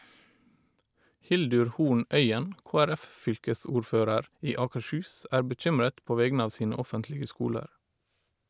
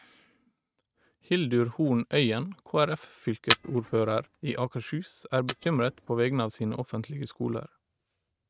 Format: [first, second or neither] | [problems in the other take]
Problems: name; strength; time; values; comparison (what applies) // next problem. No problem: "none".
first | noise reduction (neural mask model RNNoise)